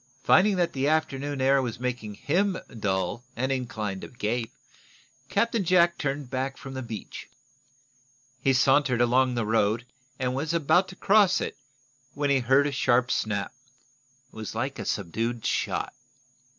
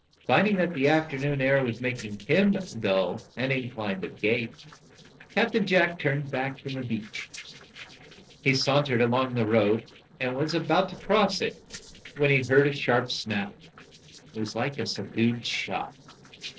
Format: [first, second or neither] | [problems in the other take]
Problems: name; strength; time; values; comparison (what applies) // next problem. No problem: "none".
first | noise reduction (neural separator model SepFormer DNS4)